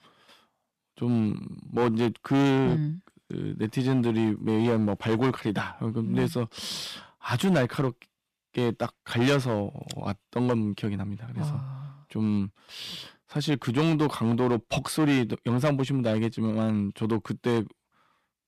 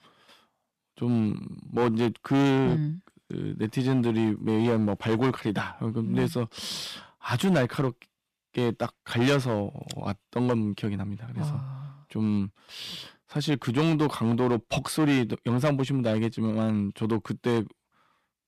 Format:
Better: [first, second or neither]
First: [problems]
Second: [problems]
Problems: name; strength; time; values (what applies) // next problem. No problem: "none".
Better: neither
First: distortion; slight; 6% of the sound clipped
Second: distortion; slight; 6% of the sound clipped